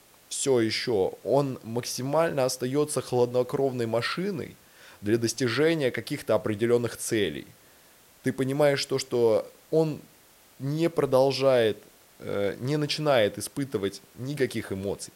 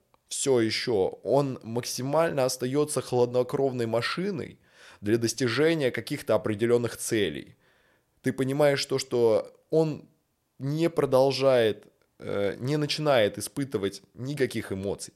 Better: second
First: hiss; faint; throughout; 30 dB below the speech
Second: none

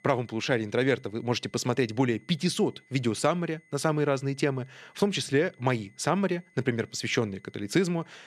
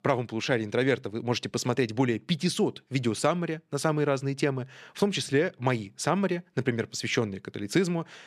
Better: second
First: high-pitched whine; faint; throughout; 2 kHz, 30 dB below the speech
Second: none

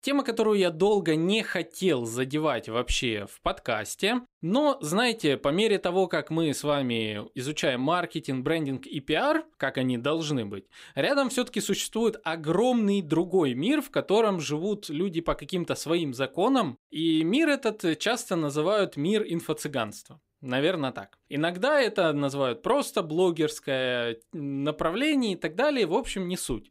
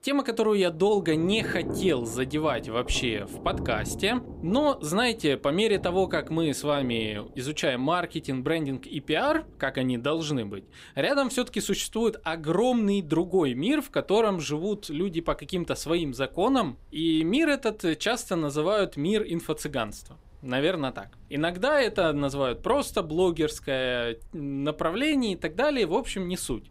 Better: first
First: none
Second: rain or running water; noticeable; throughout; 15 dB below the speech

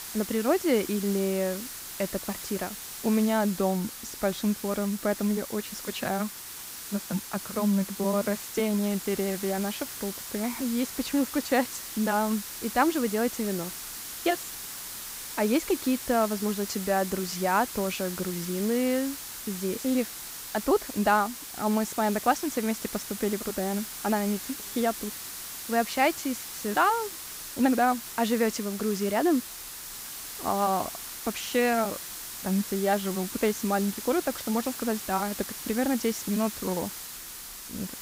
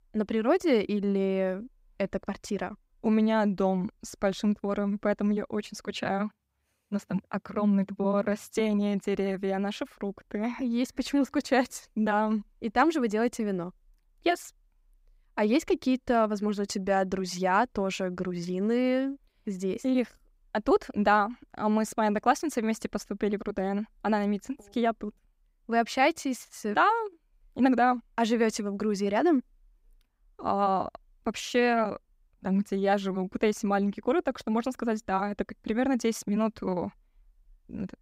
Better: second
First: hiss; loud; throughout; 8 dB below the speech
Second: none

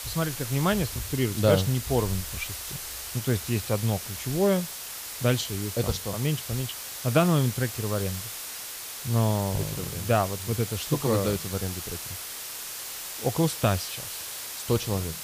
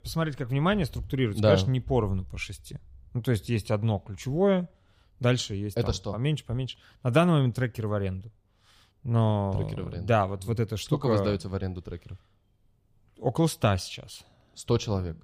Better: second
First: hiss; loud; throughout; 7 dB below the speech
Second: none

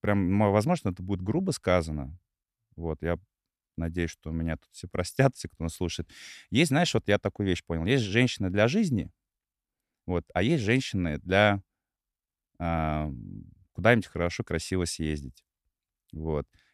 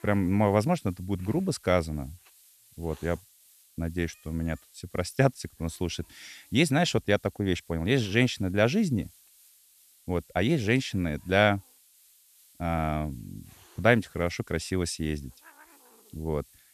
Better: first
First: none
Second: hiss; faint; throughout; 25 dB below the speech

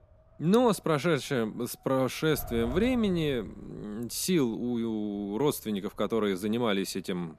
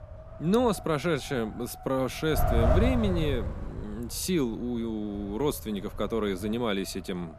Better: first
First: wind noise on the microphone; occasional gusts; 20 dB below the speech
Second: wind noise on the microphone; heavy; 4 dB below the speech

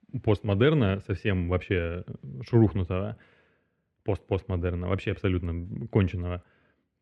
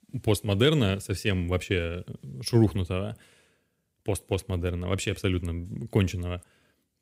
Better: second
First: muffled; very; fading above 2 kHz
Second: none

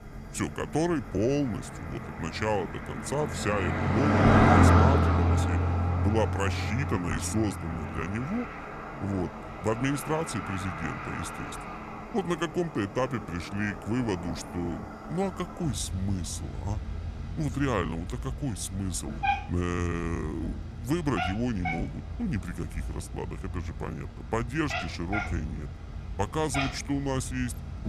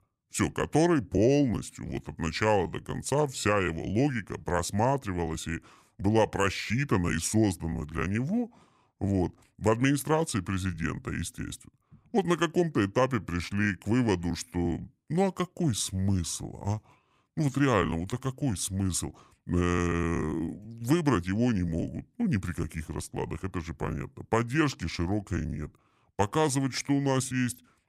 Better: second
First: animal sounds; very loud; throughout; 1 dB above the speech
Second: none

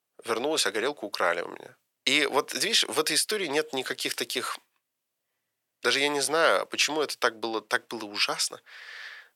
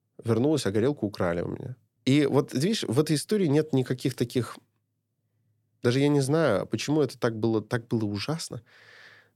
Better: second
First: thin; very; fading below 850 Hz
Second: none

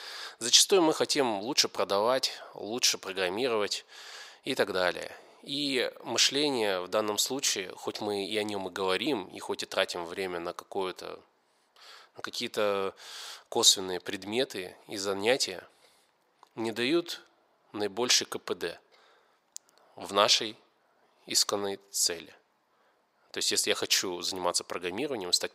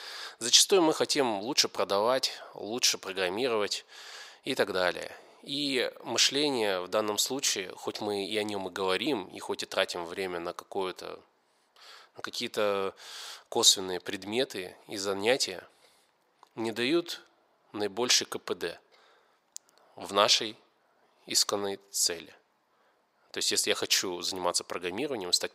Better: neither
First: thin; very; fading below 600 Hz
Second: thin; very; fading below 600 Hz

